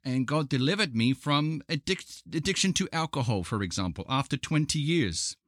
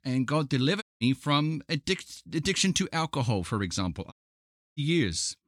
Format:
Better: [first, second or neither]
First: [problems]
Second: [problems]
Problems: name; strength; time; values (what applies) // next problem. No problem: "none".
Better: first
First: none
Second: audio cutting out; at 1 s and at 4 s for 0.5 s